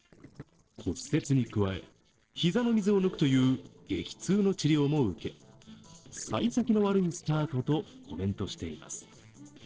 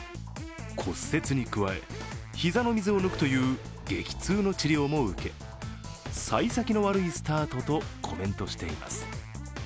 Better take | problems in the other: second | noise reduction (neural separator model SepFormer DNS4)

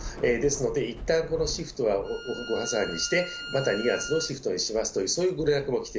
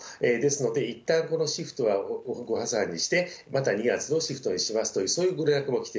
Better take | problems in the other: second | background sound (Thunder / Rain + Bowed string instrument); 12 dB below the speech

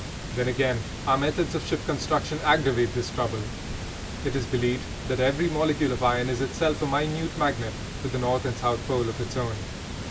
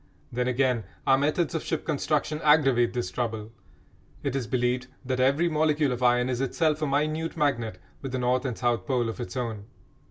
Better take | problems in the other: second | background sound (Water); 7 dB below the speech

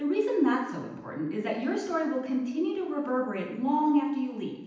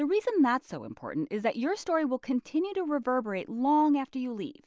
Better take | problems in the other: second | room echo; dies away in 0.9 s

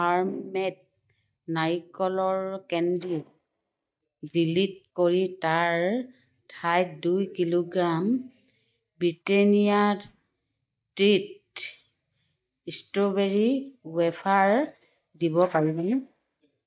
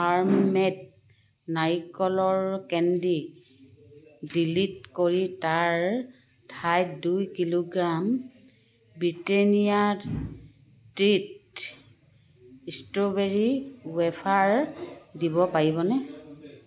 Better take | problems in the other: second | noise reduction (neural mask model DeepFilterNet 3)

